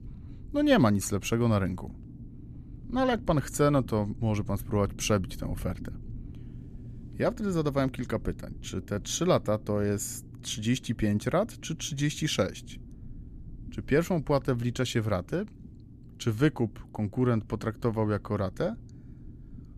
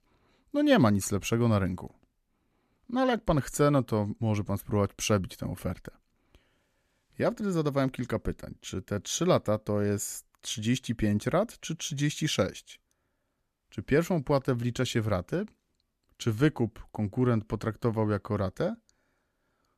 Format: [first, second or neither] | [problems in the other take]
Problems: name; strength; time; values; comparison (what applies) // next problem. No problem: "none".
second | low rumble; faint; throughout; 25 dB below the speech